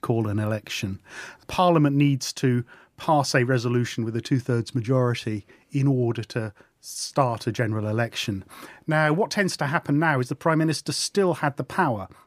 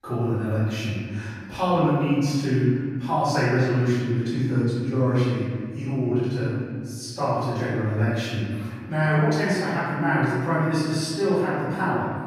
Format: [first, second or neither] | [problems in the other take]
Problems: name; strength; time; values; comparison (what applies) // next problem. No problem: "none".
first | off-mic speech; far // room echo; strong; dies away in 2 s